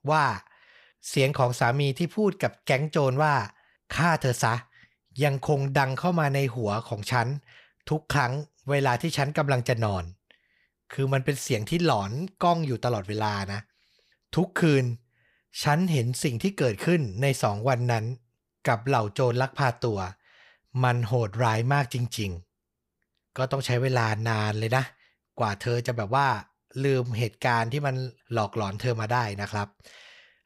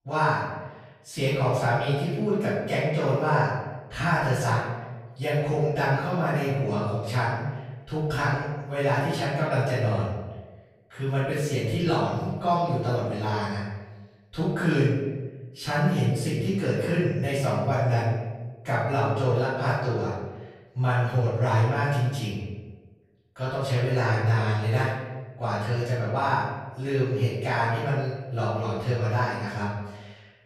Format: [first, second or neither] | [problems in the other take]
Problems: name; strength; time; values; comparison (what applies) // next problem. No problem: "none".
first | room echo; strong; dies away in 1.2 s // off-mic speech; far